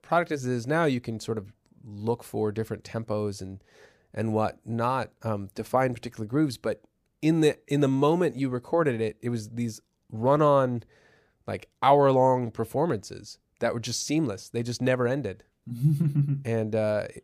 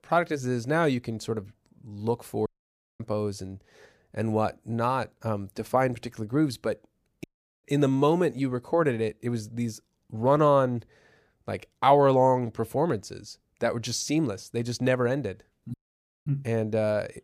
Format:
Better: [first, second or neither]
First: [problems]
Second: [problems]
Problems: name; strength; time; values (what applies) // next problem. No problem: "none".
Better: first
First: none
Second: audio cutting out; at 2.5 s for 0.5 s, at 7 s and at 16 s for 0.5 s